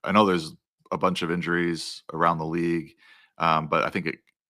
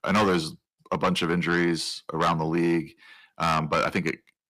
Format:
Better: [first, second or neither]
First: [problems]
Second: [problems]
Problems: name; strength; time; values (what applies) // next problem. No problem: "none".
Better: first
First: none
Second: distortion; heavy; 7 dB below the speech